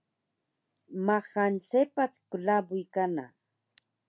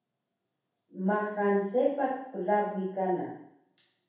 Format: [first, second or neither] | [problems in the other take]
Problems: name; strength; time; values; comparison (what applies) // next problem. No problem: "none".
first | room echo; dies away in 0.7 s